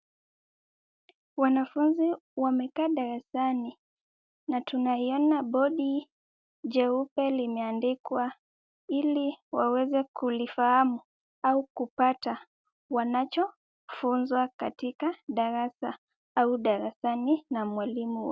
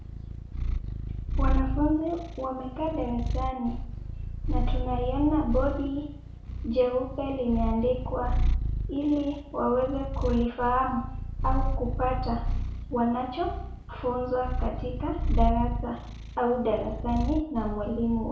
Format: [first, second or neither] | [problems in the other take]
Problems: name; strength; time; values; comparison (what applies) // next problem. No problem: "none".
first | background sound (Purr); 1 dB below the speech // room echo; dies away in 0.6 s